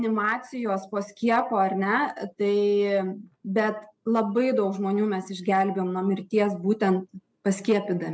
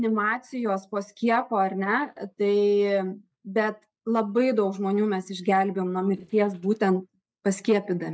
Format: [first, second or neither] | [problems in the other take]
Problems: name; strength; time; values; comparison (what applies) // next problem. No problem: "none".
first | noise reduction (neural mask model DeepFilterNet 3)